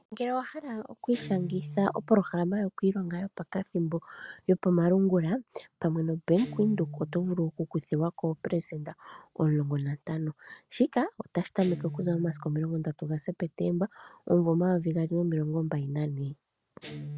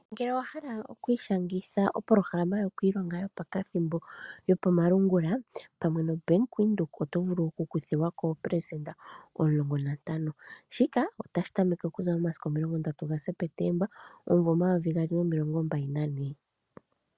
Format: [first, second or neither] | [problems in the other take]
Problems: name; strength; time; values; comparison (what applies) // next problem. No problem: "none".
second | background sound (Guitar); 18 dB below the speech